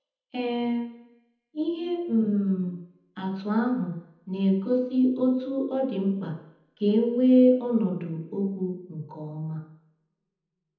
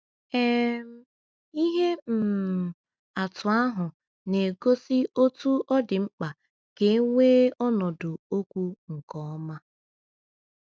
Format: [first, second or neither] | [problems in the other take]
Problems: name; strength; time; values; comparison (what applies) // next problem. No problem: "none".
second | room echo; dies away in 1 s